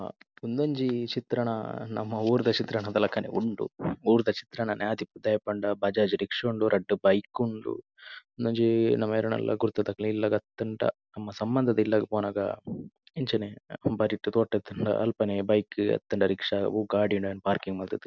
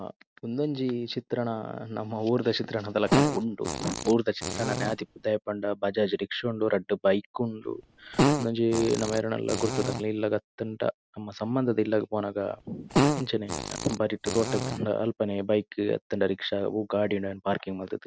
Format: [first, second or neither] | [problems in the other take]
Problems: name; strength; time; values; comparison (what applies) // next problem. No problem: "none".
first | background sound (Fart); 2 dB below the speech